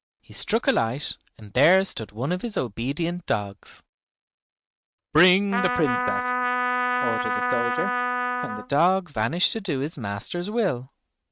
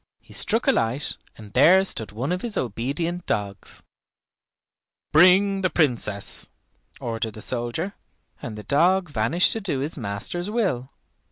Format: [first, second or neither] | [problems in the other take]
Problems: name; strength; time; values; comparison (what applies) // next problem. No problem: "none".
second | noise reduction (neural mask model RNNoise)